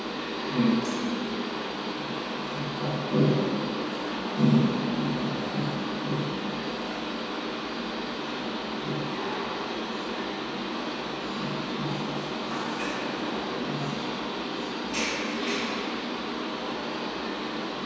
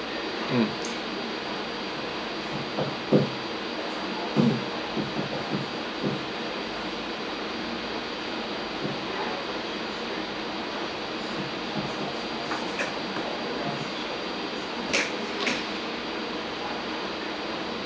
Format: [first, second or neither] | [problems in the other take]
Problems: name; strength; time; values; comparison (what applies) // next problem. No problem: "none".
second | room echo; dies away in 2.1 s